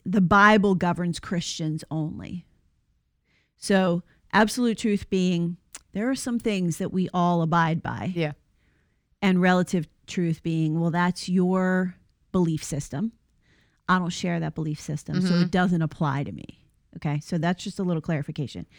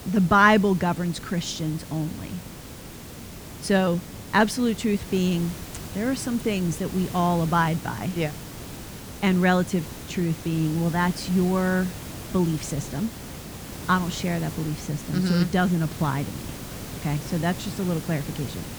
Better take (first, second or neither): first